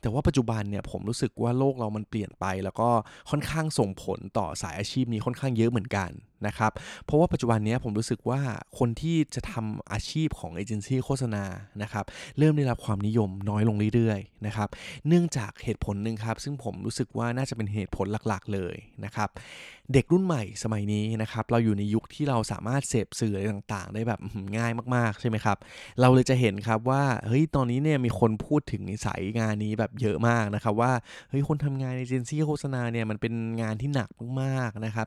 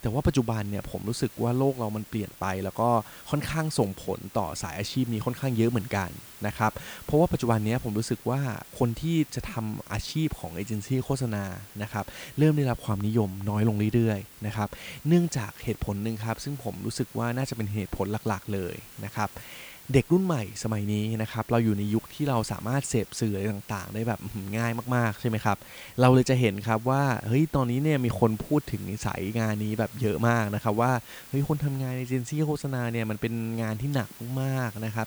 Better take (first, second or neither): first